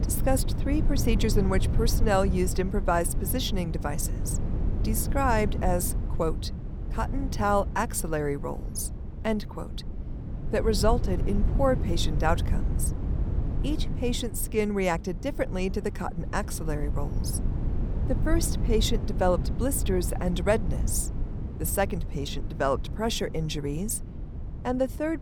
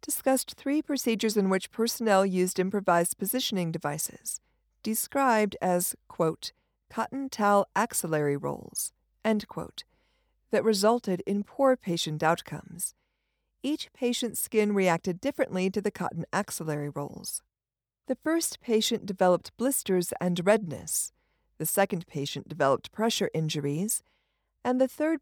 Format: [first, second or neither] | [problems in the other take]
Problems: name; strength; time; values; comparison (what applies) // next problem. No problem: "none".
second | wind noise on the microphone; occasional gusts; 15 dB below the speech